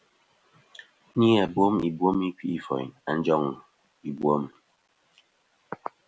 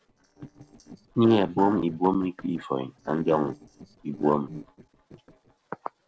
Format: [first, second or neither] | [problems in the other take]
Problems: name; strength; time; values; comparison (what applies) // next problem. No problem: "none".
first | noise reduction (neural separator model SepFormer DNS4)